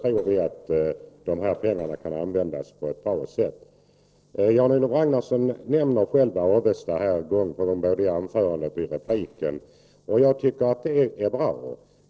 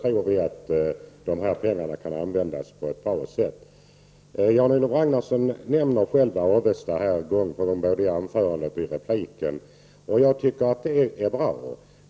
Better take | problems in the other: second | noise reduction (neural separator model SepFormer DNS4)

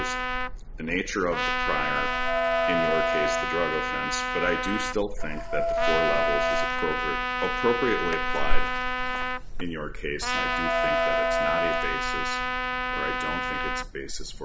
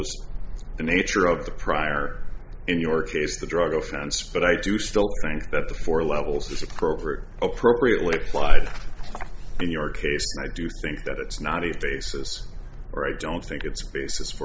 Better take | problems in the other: second | background sound (Trumpet + Wind instrument, woodwind instrument); 1 dB above the speech

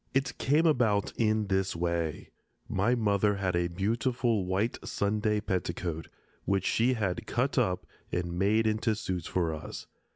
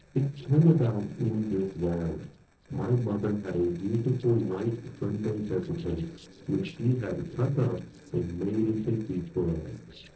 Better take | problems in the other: first | noise reduction (neural separator model SepFormer DNS4)

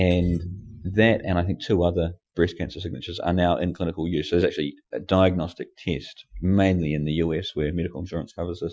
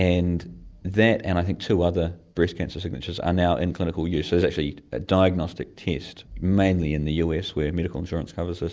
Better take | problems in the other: second | noise reduction (classical method Wiener filter)

